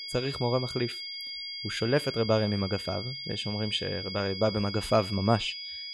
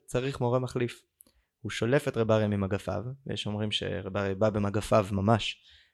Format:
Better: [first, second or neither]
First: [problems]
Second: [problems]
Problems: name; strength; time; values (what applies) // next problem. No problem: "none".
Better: second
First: high-pitched whine; loud; throughout; 5 kHz, 6 dB below the speech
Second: none